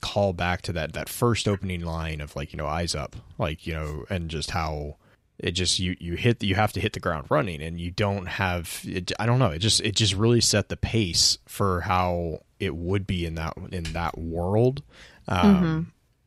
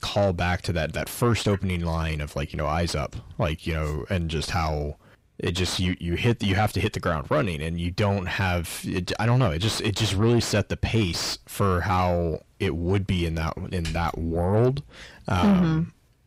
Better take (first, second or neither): first